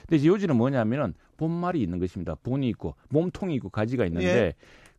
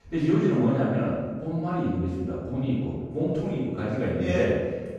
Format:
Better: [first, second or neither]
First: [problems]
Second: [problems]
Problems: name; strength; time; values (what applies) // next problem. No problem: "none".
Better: first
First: none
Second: off-mic speech; far // room echo; strong; dies away in 1.1 s